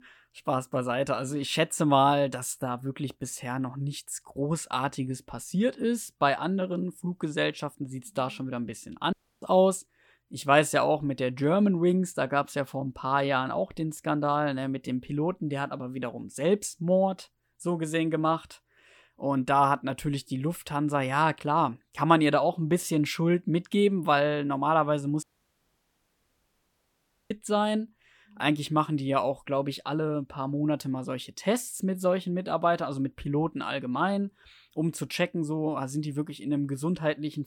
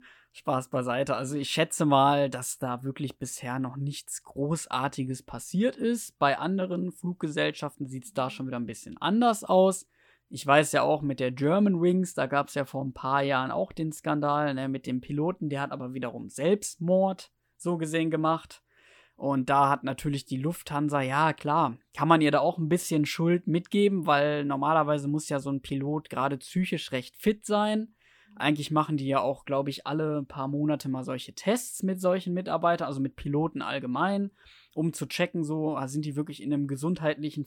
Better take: second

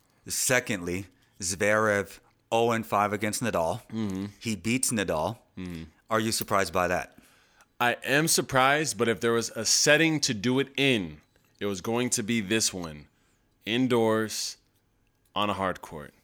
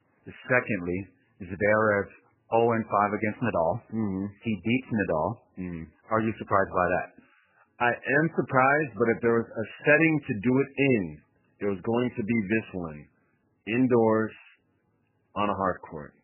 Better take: first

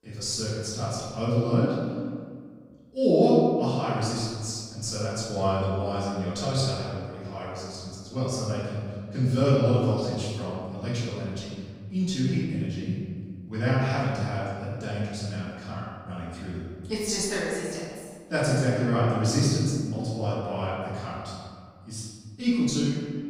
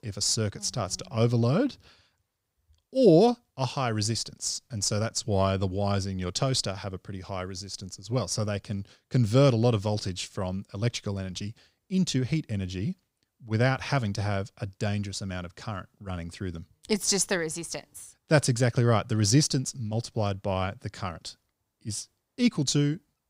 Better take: second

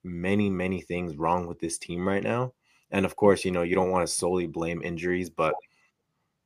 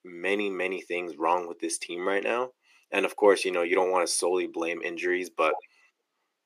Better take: first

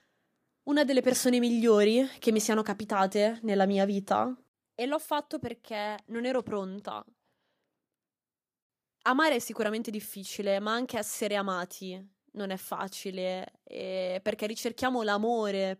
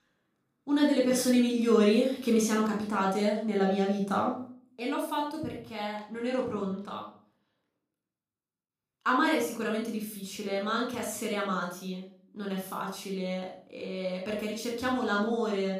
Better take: first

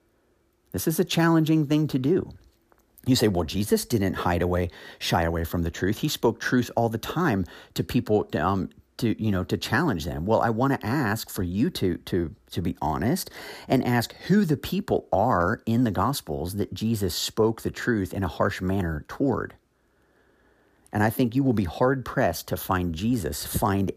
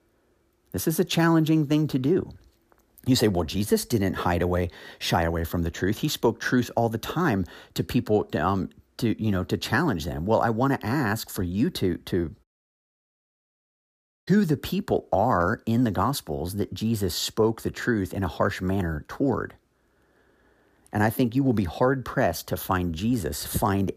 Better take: first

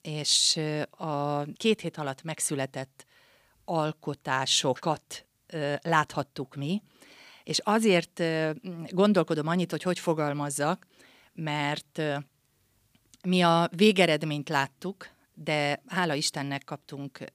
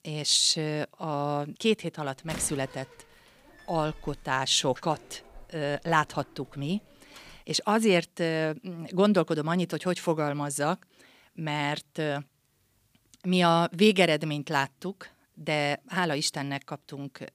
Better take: first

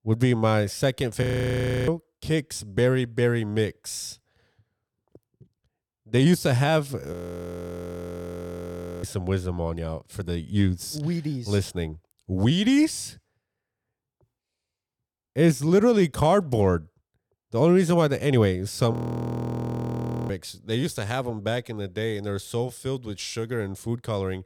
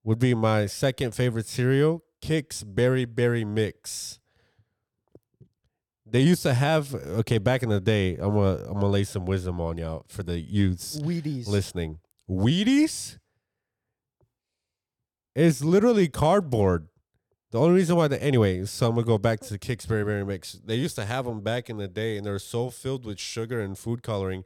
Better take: second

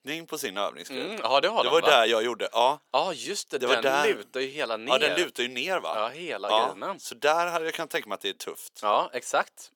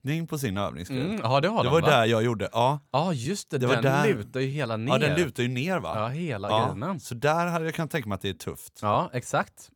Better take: second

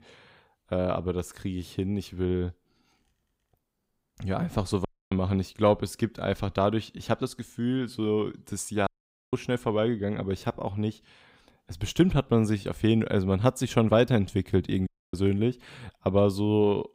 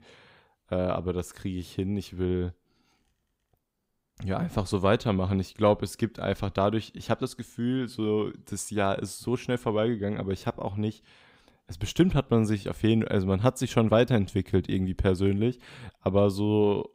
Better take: second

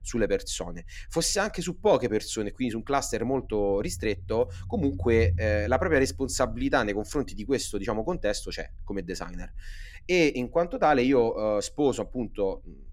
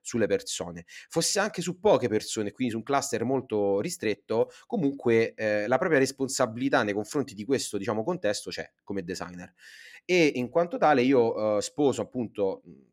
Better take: second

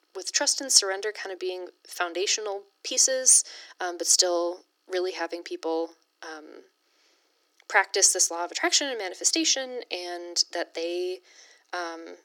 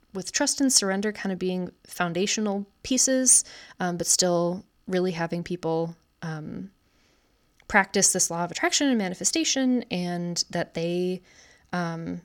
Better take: second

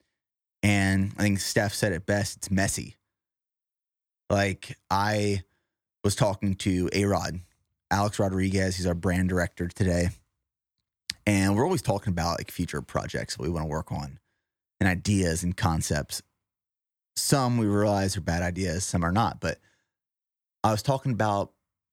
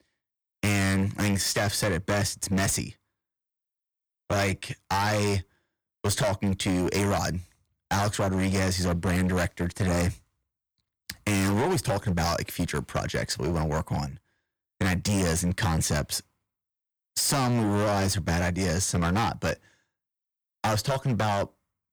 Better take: first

